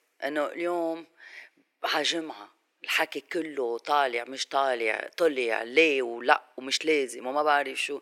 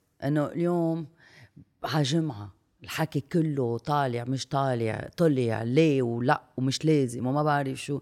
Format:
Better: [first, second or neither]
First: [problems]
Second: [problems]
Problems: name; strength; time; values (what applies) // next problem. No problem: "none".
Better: second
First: thin; very; fading below 400 Hz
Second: none